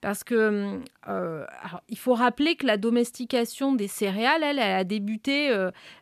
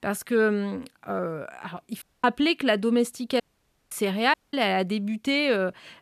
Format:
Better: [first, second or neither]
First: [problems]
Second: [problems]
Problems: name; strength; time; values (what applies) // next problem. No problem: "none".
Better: first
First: none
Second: audio cutting out; at 2 s, at 3.5 s for 0.5 s and at 4.5 s